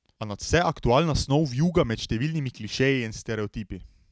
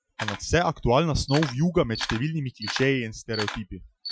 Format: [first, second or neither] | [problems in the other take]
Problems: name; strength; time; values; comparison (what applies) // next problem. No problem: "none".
first | noise reduction (classical method Wiener filter)